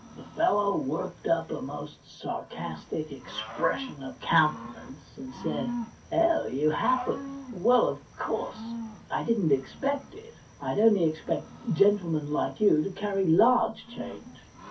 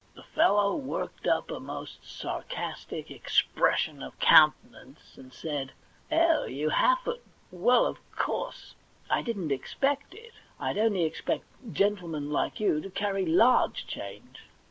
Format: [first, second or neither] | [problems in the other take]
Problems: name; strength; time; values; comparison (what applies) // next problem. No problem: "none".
second | background sound (Cricket / Growling); 15 dB below the speech // room echo; dies away in 0.3 s